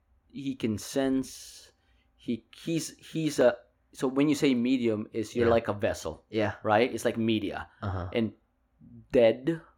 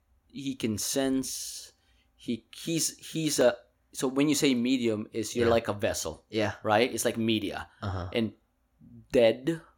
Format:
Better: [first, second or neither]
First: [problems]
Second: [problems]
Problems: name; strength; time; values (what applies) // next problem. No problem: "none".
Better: second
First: muffled; slightly; fading above 3.5 kHz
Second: none